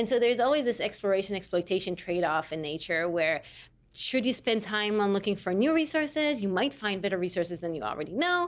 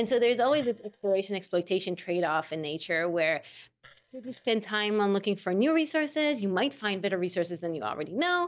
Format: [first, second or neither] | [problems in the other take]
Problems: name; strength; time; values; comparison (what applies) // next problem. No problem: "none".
first | noise reduction (neural mask model DeepFilterNet 3)